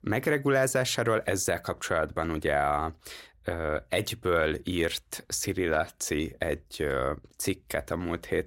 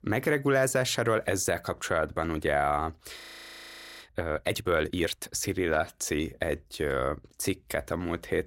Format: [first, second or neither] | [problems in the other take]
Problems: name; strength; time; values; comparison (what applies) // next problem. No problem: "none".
first | audio freezing; at 3 s for 1 s